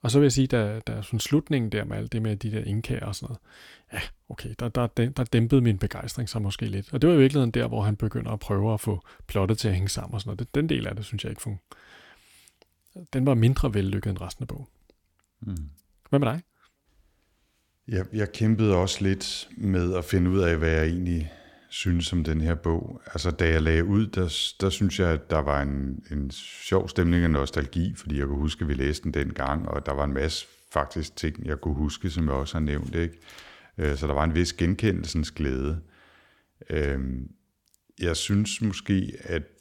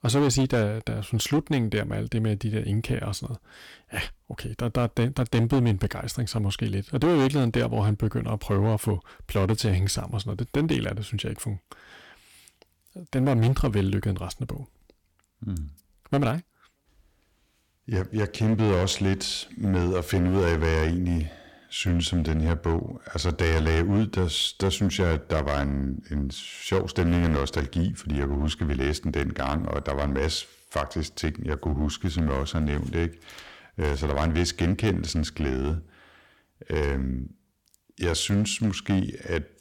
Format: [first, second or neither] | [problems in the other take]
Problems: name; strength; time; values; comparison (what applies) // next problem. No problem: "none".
first | distortion; slight; 6% of the sound clipped